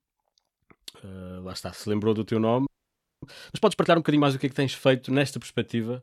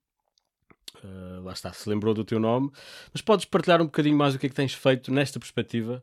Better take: second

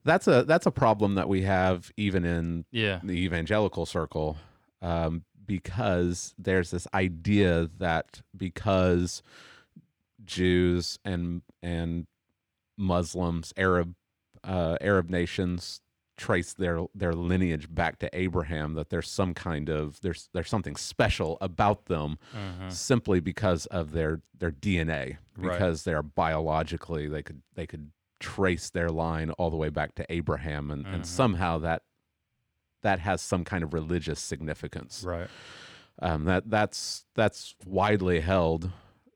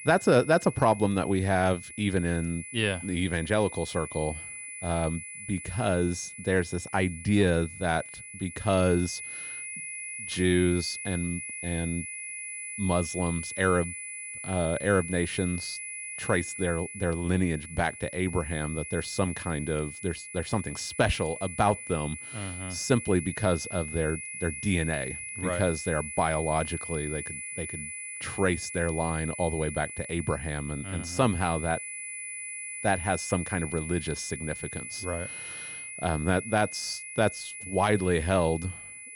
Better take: first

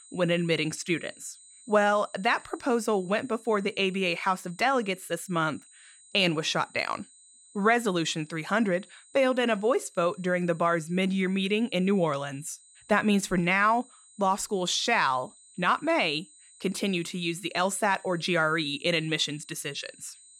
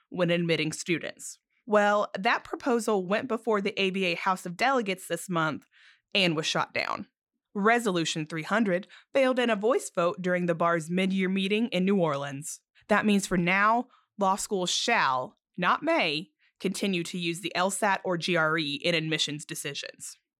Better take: second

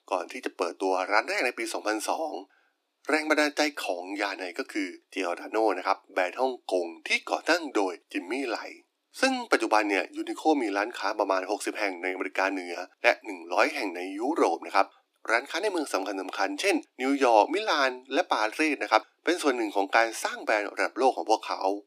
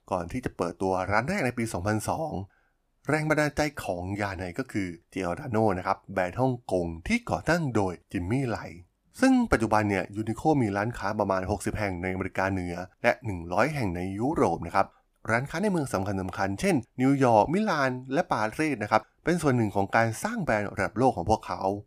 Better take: second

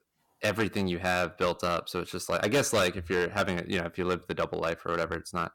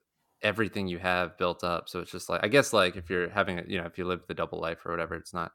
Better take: second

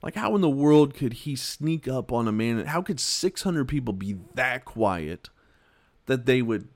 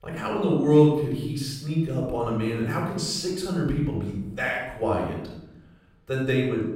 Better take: first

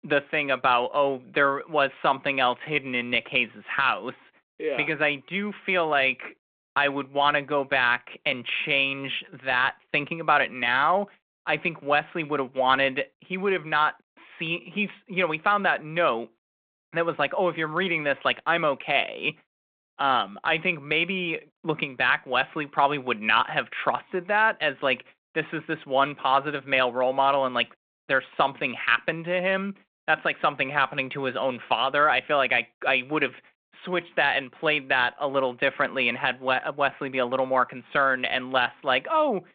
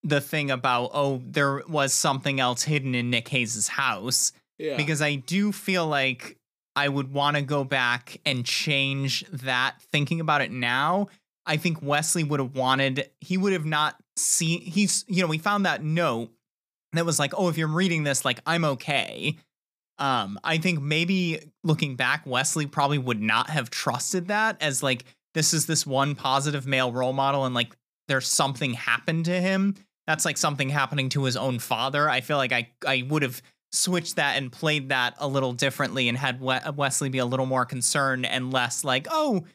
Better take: second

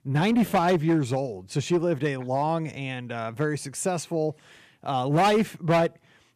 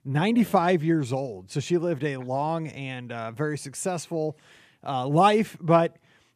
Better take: second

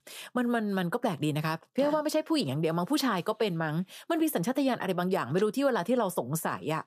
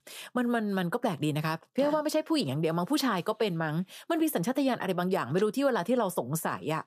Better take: neither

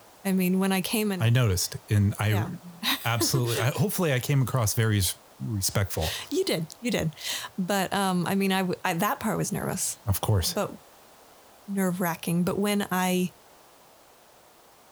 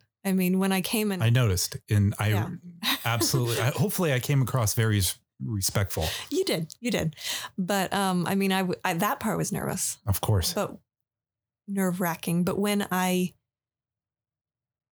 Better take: second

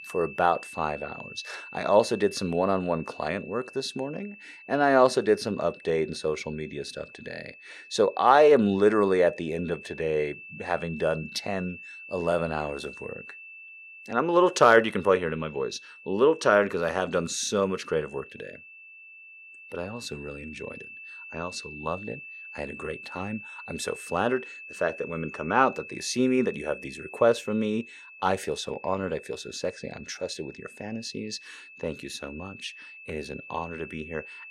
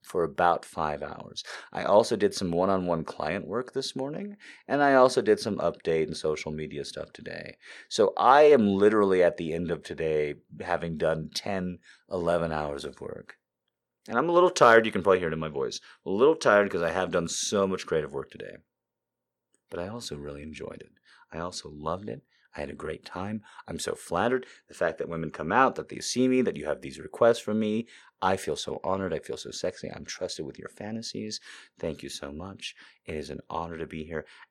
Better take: second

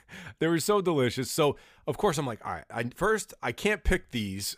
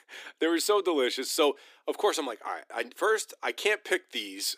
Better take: first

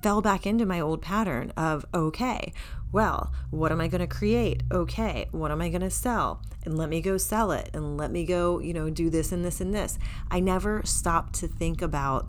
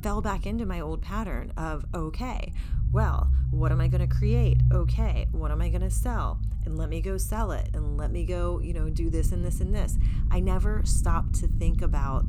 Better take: first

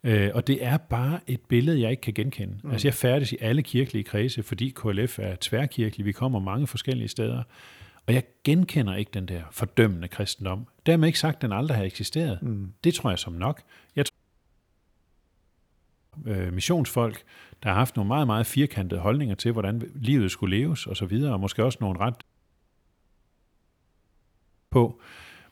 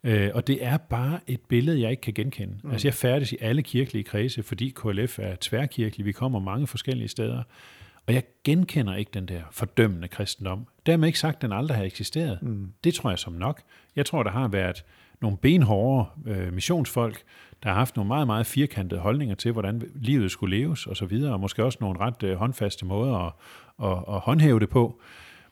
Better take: second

